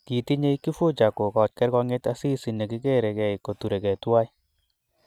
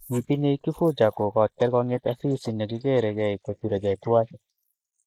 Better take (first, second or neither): first